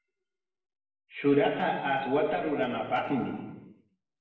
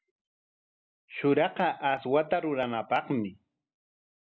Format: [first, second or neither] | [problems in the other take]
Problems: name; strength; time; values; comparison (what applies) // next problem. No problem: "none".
second | room echo; dies away in 1.1 s